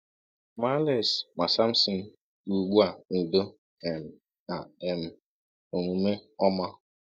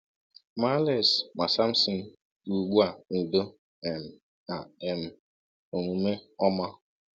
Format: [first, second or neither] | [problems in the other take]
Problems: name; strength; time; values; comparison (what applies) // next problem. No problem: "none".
second | noise reduction (neural mask model DeepFilterNet 3)